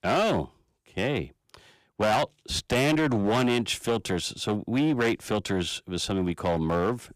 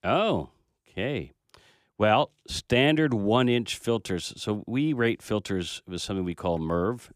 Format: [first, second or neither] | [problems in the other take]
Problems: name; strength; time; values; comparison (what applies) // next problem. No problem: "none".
second | distortion; heavy; 11% of the sound clipped